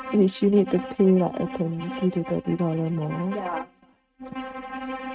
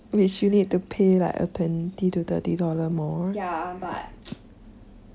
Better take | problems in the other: second | noise reduction (neural mask model RNNoise)

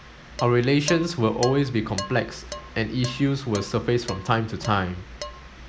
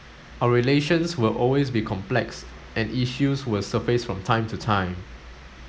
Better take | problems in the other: second | background sound (Dishes, pots, and pans); 14 dB below the speech

